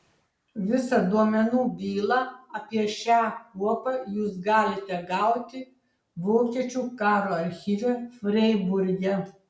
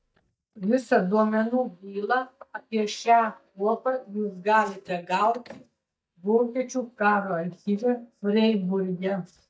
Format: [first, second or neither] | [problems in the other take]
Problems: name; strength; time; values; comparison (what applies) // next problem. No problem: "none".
first | noise reduction (neural mask model DeepFilterNet 3)